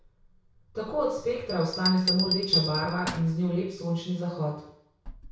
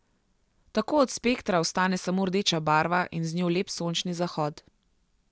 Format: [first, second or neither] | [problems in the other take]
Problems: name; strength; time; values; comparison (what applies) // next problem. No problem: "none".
second | background sound (Bell); 5 dB below the speech // room echo; dies away in 0.6 s